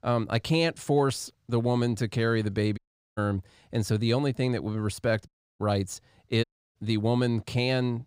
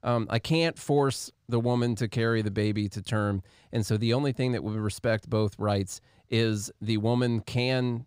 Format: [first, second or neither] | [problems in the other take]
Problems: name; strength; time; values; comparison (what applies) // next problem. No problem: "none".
second | audio cutting out; at 3 s, at 5.5 s and at 6.5 s